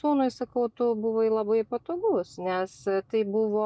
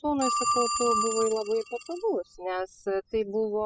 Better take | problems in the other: first | noise reduction (classical method spectral subtraction)

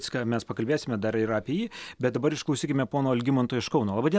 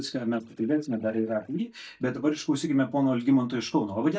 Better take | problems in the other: first | noise reduction (neural mask model DeepFilterNet 3)

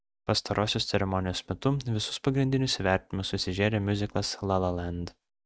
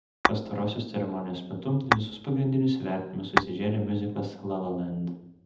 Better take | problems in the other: first | background sound (Tap / Glass); 3 dB below the speech // room echo; dies away in 0.8 s

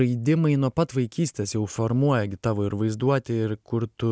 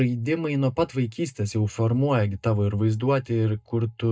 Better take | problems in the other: first | noise reduction (neural mask model DeepFilterNet 3)

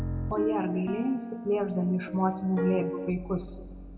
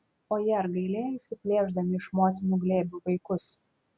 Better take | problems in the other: second | background sound (Piano); 5 dB below the speech // room echo; dies away in 1.4 s

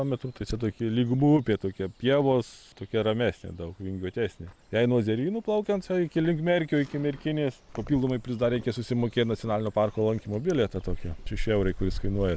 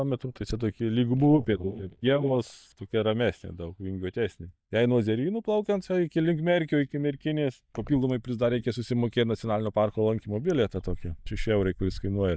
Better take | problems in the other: first | noise reduction (neural mask model DeepFilterNet 3)

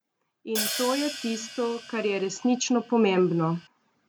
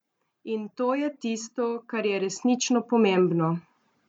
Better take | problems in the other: second | background sound (Hi-hat); 10 dB below the speech

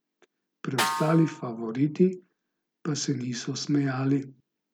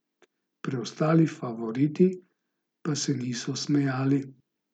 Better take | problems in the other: second | background sound (Snare drum); 6 dB below the speech

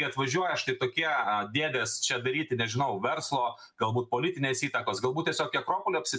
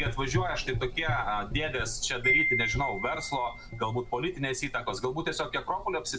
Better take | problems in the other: first | background sound (Wind chime + Gurgling / Engine); 2 dB below the speech

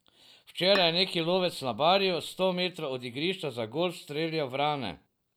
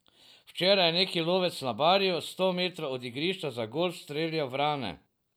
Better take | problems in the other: second | background sound (Bowed string instrument); 15 dB below the speech

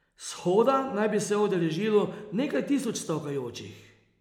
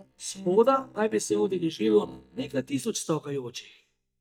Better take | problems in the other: first | noise reduction (neural mask model DeepFilterNet 3)

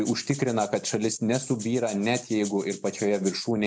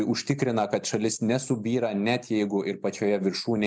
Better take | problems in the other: second | background sound (Rattle (instrument)); 15 dB below the speech

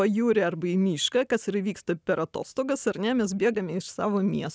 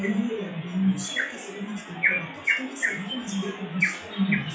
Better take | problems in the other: first | noise reduction (classical method WPE with log-MMSE)

